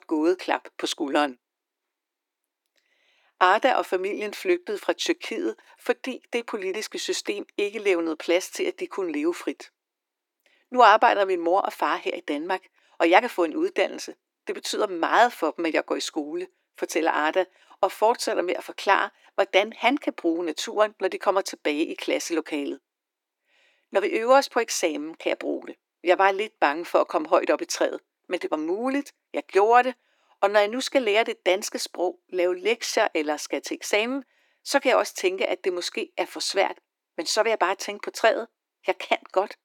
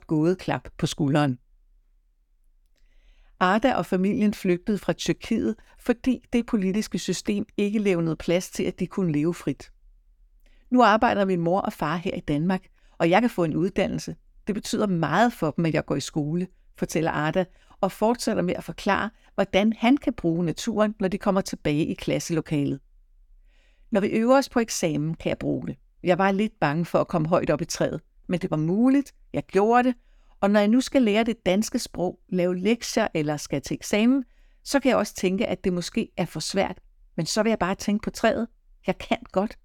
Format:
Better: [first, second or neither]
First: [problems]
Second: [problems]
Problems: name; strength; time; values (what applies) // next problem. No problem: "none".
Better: second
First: thin; somewhat; fading below 300 Hz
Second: none